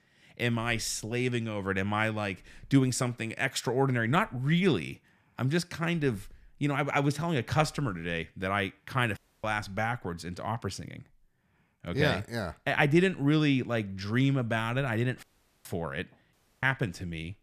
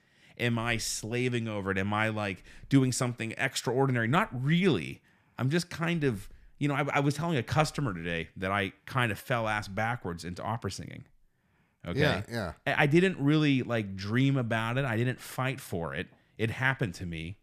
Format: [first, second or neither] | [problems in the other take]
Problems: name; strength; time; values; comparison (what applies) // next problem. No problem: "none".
second | audio cutting out; at 9 s, at 15 s and at 16 s